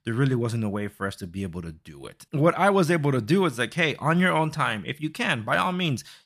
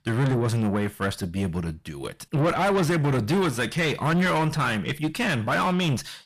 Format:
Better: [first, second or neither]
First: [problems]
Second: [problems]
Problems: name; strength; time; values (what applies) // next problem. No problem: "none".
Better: first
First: none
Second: distortion; heavy; 6 dB below the speech